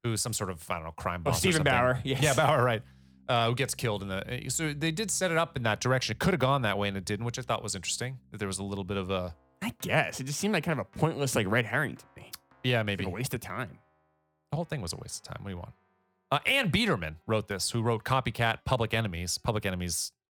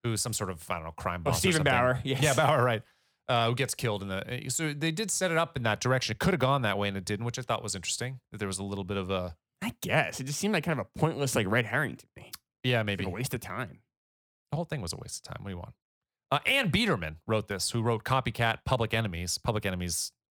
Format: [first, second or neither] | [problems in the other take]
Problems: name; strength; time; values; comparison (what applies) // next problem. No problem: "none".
second | background music; faint; throughout; 30 dB below the speech